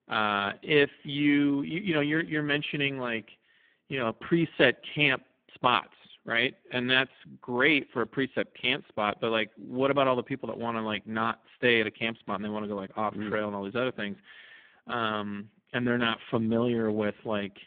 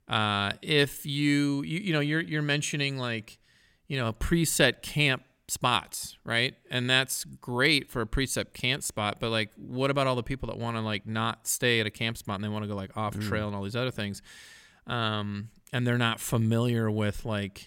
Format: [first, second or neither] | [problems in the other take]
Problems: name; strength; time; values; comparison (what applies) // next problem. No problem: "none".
second | phone-call audio; poor line; nothing above 3.5 kHz